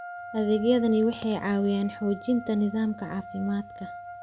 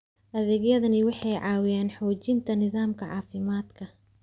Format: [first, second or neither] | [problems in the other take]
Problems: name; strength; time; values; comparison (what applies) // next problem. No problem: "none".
second | background sound (Wind instrument, woodwind instrument); 15 dB below the speech